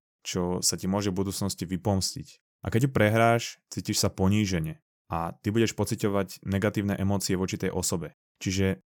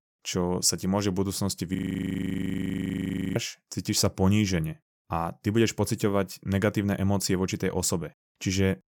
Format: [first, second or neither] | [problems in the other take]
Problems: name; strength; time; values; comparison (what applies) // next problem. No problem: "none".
first | audio freezing; at 2 s for 1.5 s